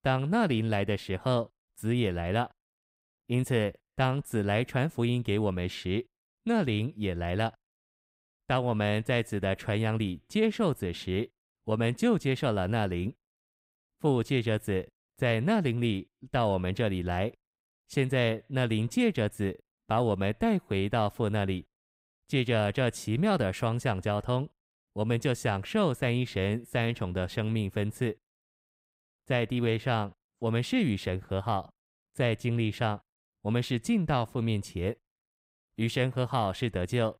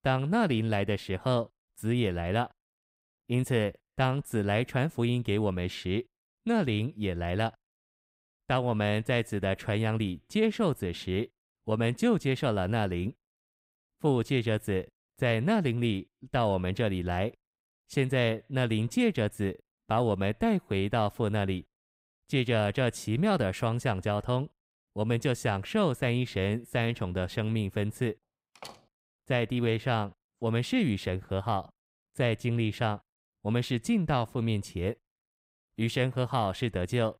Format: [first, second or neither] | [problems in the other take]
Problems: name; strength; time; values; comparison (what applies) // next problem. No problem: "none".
first | door banging; faint; at 29 s; peak 20 dB below the speech